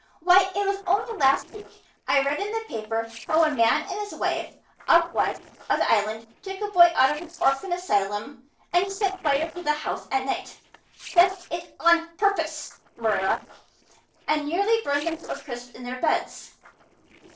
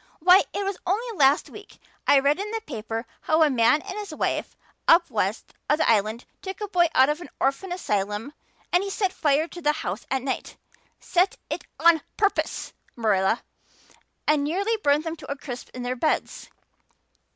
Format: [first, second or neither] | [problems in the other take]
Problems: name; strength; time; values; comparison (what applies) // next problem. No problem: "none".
second | noise reduction (neural separator model SepFormer DNS4)